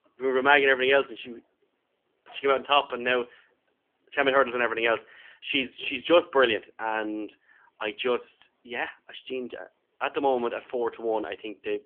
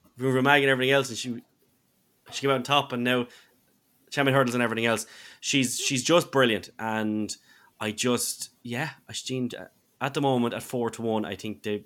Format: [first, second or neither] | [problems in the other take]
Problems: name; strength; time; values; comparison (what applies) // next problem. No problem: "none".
second | phone-call audio; nothing above 3.5 kHz